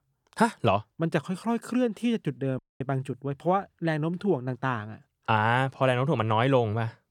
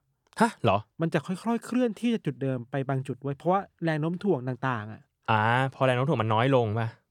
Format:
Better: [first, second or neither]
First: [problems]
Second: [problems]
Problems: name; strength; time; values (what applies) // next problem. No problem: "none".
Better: second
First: audio cutting out; at 2.5 s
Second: none